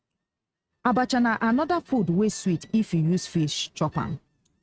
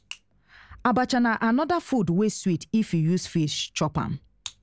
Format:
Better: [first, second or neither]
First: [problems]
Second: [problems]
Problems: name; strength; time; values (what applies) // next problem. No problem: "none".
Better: second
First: noise reduction (neural mask model RNNoise)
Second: none